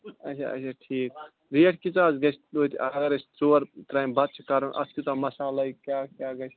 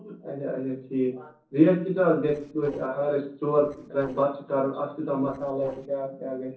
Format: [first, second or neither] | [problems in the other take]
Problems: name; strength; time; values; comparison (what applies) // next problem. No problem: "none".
first | noise reduction (neural separator model SepFormer DNS4)